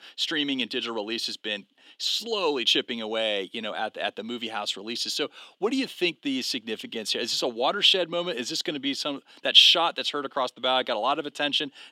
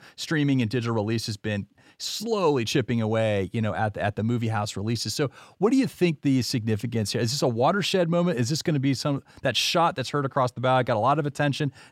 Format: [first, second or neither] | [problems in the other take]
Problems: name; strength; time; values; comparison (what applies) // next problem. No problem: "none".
second | thin; very slightly; fading below 250 Hz